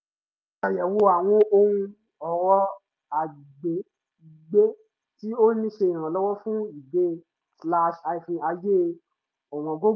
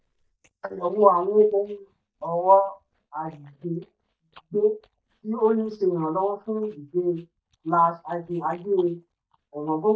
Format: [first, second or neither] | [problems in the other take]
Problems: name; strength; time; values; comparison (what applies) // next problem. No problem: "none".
first | noise reduction (neural mask model DeepFilterNet 3)